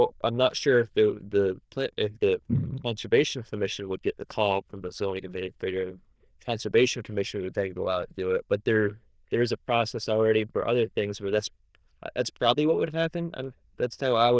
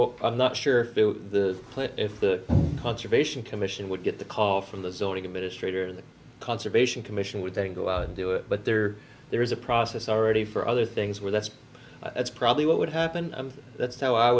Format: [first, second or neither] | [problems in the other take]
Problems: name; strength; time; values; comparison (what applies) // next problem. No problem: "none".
second | noise reduction (neural diffusion model UNIVERSE++)